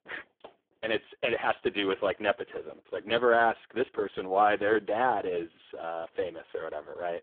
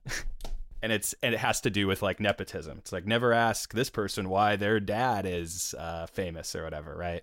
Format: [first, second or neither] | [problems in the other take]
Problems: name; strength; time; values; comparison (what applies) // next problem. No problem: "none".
second | phone-call audio; poor line